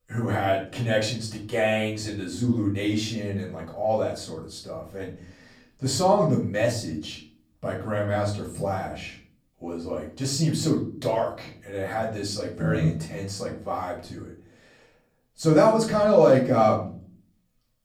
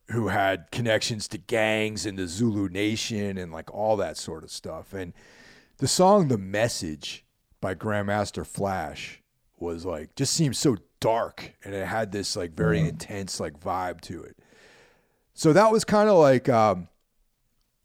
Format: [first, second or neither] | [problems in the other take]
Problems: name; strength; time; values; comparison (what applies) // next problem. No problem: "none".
second | off-mic speech; far // room echo; slight; dies away in 0.4 s